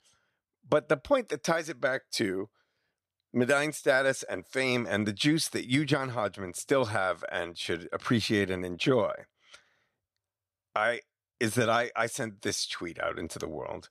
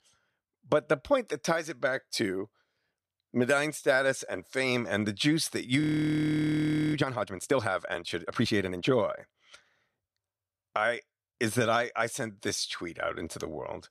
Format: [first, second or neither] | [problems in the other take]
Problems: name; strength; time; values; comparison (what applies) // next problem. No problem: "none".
first | audio freezing; at 6 s for 1 s